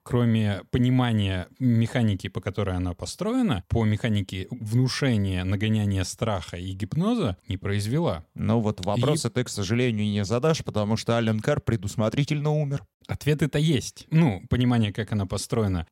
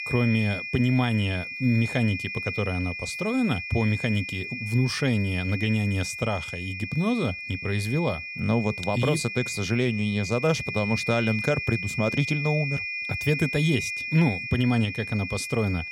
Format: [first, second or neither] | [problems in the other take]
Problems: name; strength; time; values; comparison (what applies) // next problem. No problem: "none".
first | high-pitched whine; loud; throughout; 2.5 kHz, 5 dB below the speech